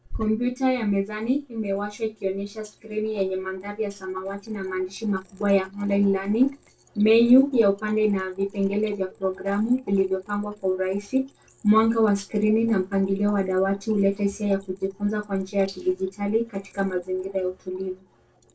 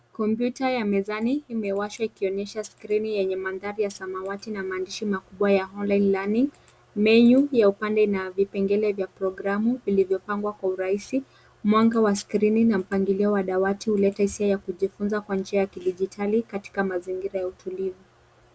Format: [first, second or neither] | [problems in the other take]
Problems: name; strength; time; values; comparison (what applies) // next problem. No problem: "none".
second | noise reduction (neural separator model SepFormer DNS4)